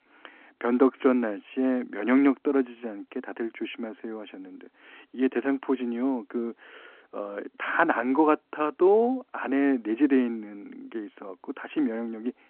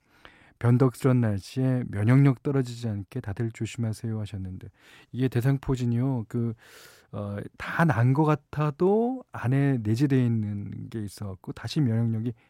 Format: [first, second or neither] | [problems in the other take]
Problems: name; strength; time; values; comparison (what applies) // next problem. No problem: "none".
second | phone-call audio